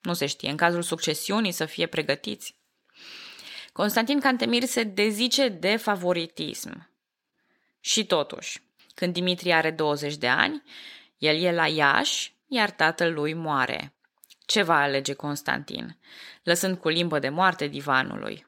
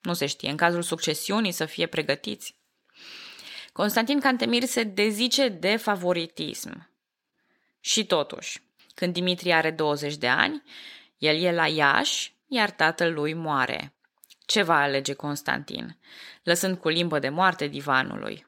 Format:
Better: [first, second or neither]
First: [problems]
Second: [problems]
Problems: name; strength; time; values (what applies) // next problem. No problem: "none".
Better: neither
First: thin; very slightly; fading below 350 Hz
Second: thin; very slightly; fading below 350 Hz